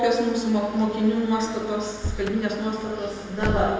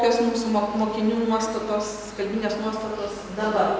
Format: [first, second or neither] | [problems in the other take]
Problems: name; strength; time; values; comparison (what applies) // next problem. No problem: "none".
second | background sound (Slam / Car); 10 dB below the speech // room echo; dies away in 0.6 s